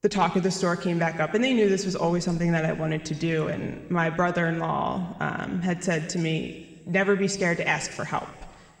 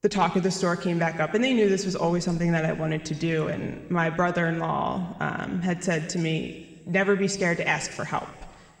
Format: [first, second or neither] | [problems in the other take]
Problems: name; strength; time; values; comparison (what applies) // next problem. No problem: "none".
neither | room echo; slight; dies away in 1.8 s; the same in both